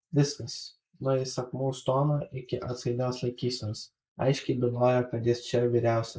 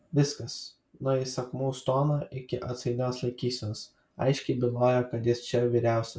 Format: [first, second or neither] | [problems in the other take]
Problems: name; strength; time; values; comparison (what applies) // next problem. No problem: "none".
second | noise reduction (neural mask model Resemble Enhance denoiser)